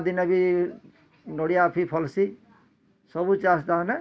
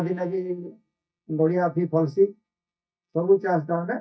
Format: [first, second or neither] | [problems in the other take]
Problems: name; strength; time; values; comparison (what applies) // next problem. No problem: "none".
first | noise reduction (neural mask model DeepFilterNet 3)